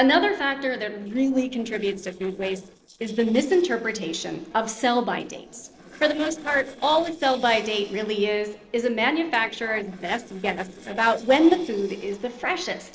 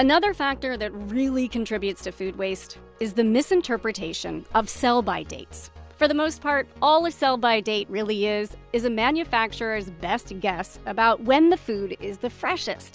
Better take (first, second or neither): second